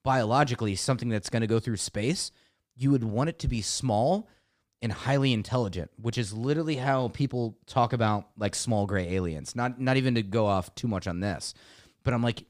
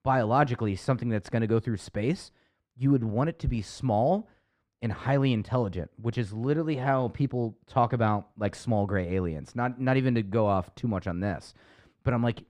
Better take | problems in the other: first | muffled; slightly; fading above 3.5 kHz

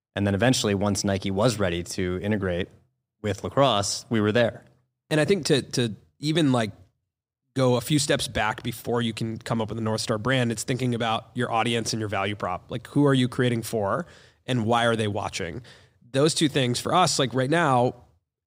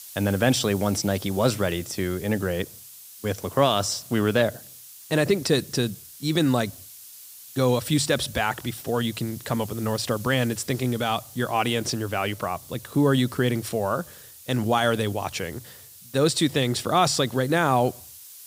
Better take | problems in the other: first | hiss; noticeable; throughout; 15 dB below the speech

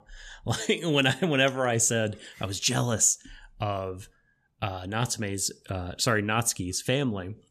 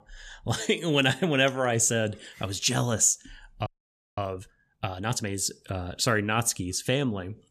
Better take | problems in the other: first | audio freezing; at 3.5 s for 0.5 s

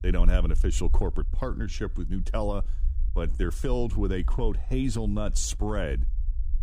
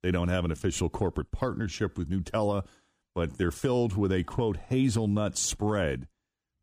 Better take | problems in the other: second | low rumble; faint; throughout; 20 dB below the speech

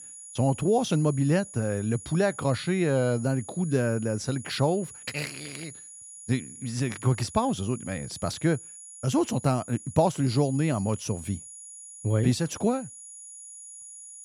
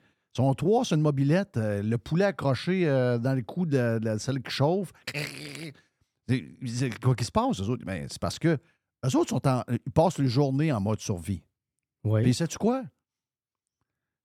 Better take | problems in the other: second | high-pitched whine; noticeable; throughout; 10 kHz, 15 dB below the speech

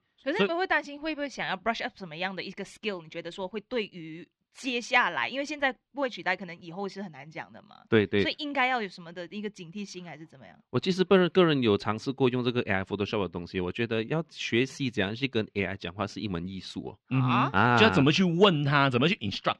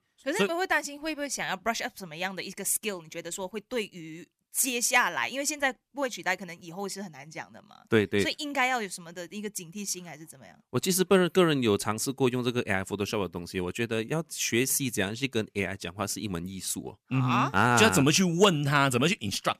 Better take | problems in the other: second | muffled; slightly; fading above 4 kHz

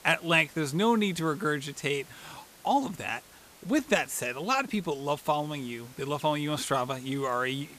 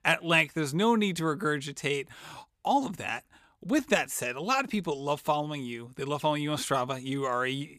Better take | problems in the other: second | hiss; faint; throughout; 20 dB below the speech

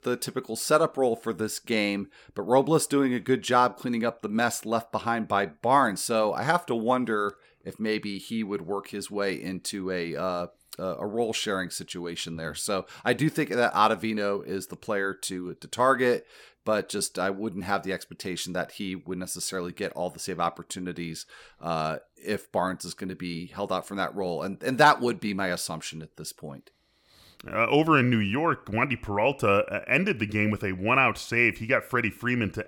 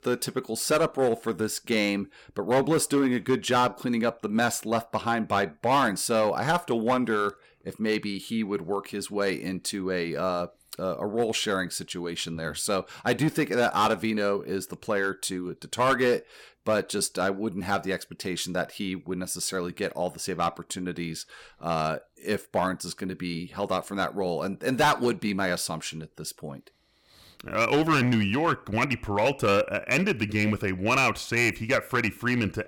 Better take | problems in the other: first | distortion; slight; 3% of the sound clipped

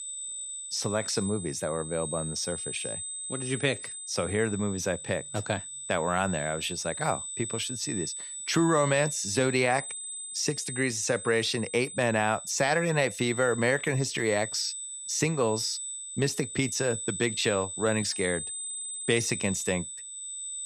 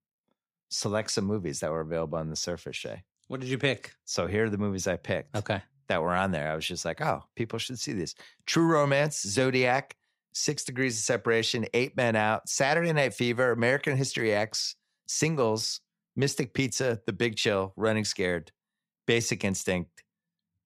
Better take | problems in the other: second | high-pitched whine; loud; throughout; 8 kHz, 6 dB below the speech

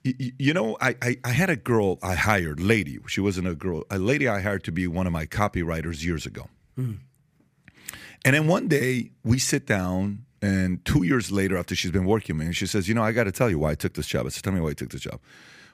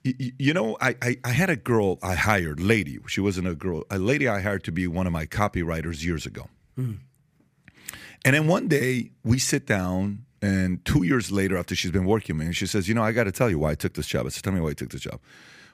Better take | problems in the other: neither | none

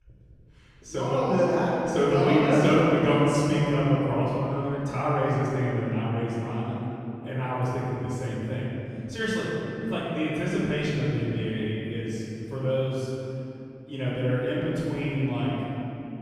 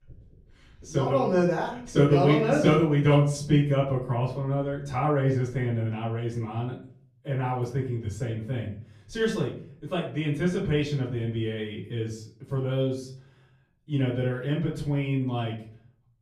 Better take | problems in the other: second | room echo; strong; dies away in 2.9 s; slight in the second // off-mic speech; far; far in the second

